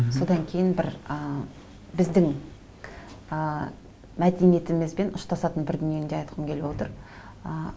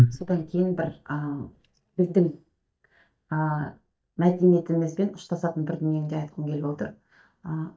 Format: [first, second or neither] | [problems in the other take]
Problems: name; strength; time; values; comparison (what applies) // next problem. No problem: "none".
first | noise reduction (neural mask model DeepFilterNet 3)